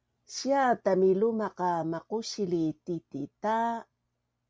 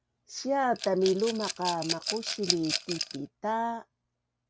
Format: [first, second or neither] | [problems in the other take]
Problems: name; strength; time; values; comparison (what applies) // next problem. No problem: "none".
first | background sound (Rattle / Glass); 4 dB below the speech